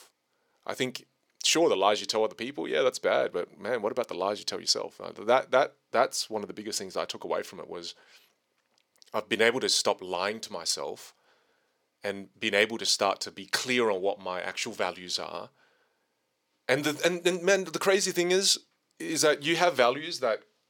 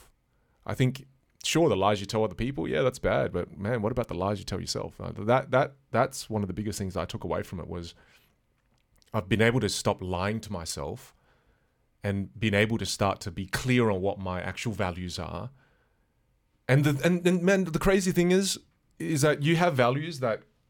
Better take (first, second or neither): second